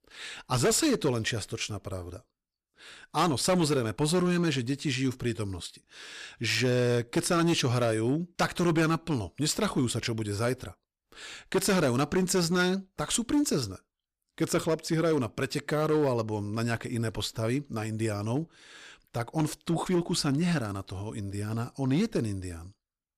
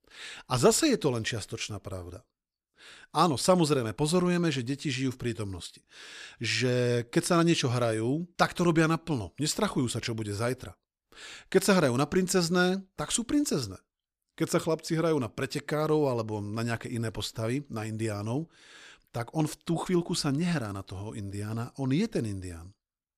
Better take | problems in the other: second | distortion; slight; 5% of the sound clipped

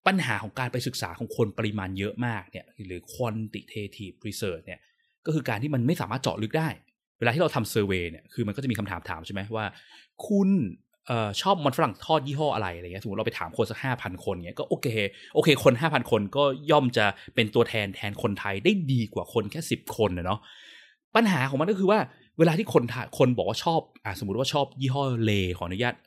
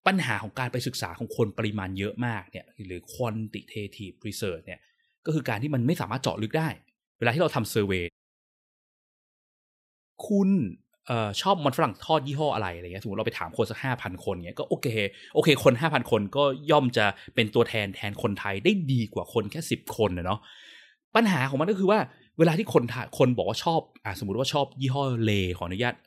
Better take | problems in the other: first | audio cutting out; at 8 s for 2 s

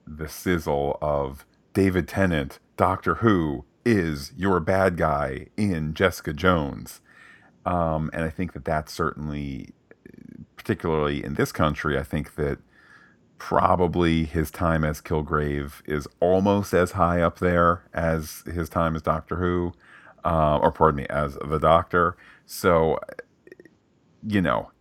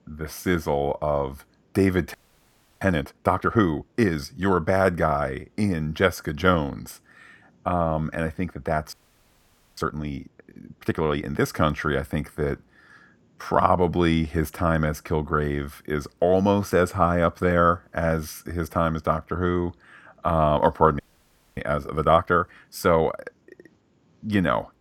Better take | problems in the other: first | audio freezing; at 2 s for 0.5 s, at 9 s for 1 s and at 21 s for 0.5 s

